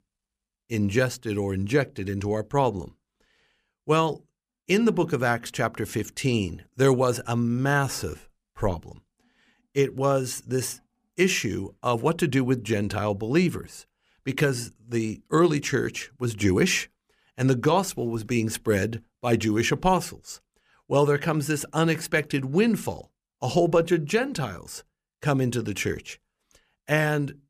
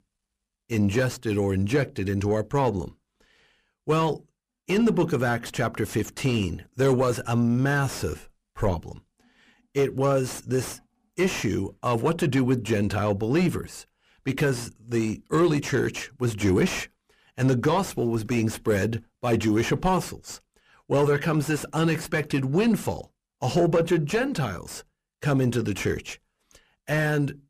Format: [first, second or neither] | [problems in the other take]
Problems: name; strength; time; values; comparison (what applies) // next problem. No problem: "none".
first | distortion; slight; 10 dB below the speech